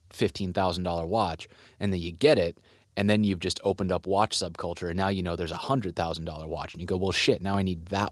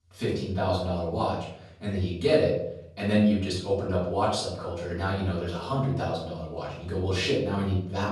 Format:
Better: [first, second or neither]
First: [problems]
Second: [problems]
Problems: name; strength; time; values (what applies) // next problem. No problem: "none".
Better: first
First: none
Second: off-mic speech; far // room echo; noticeable; dies away in 0.7 s